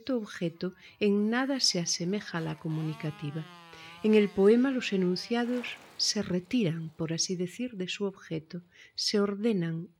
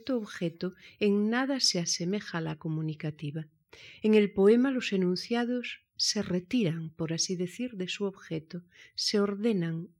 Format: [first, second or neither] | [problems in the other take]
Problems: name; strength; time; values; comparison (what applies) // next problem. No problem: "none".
second | traffic noise; faint; throughout; 25 dB below the speech